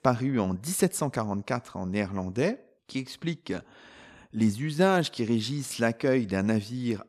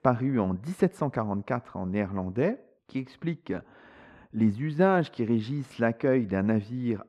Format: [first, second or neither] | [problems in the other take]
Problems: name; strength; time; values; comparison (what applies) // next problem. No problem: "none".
first | muffled; very; fading above 3.5 kHz